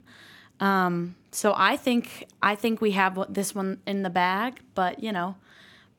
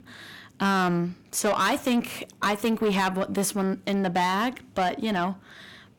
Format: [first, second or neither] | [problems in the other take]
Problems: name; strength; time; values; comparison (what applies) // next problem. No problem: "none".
first | distortion; heavy; 8 dB below the speech